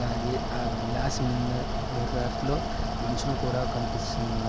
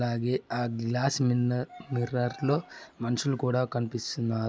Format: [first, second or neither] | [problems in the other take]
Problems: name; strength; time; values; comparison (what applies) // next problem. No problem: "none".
second | background sound (Mechanical fan); 2 dB above the speech